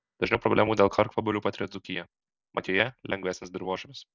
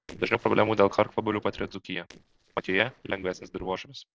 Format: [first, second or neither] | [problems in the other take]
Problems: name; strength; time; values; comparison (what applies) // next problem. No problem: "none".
first | noise reduction (neural separator model SepFormer DNS4)